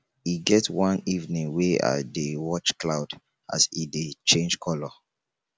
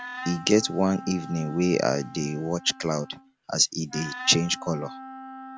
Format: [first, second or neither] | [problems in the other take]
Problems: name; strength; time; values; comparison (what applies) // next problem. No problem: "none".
first | background sound (Wind instrument, woodwind instrument); 14 dB below the speech